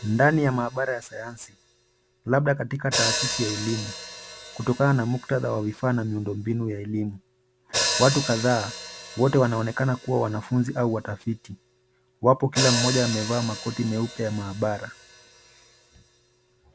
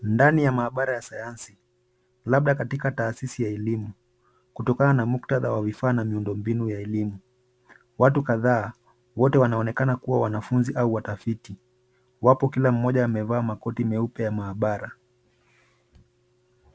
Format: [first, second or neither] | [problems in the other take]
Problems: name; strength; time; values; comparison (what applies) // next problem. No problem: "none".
second | background sound (Hi-hat); 8 dB below the speech